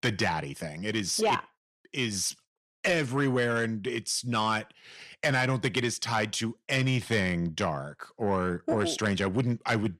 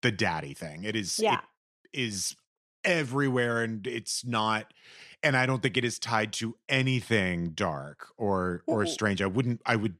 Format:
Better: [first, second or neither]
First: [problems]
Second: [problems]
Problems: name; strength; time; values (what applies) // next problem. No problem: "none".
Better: second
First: distortion; slight; 10 dB below the speech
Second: none